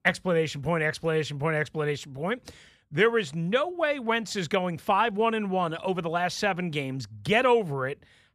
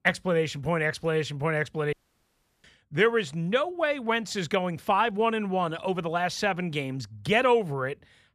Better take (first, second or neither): first